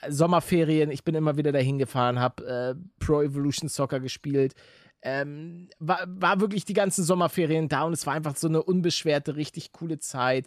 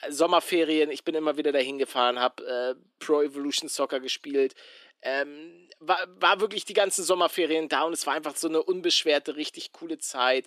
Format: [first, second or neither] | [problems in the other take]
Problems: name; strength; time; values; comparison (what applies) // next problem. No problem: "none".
first | thin; somewhat; fading below 300 Hz